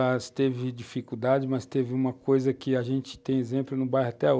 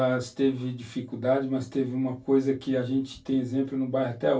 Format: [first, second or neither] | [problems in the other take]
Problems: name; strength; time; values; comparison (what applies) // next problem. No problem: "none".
first | room echo; dies away in 0.2 s